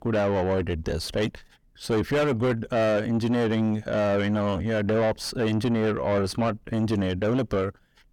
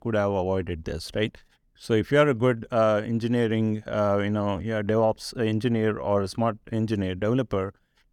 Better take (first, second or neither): second